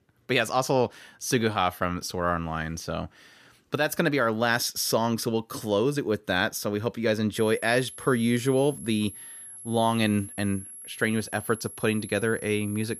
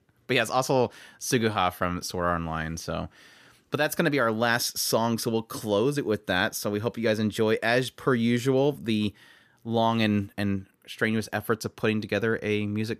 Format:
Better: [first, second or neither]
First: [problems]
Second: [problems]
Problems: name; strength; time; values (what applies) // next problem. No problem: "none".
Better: second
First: high-pitched whine; noticeable; from 7.5 s on; 11 kHz, 15 dB below the speech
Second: none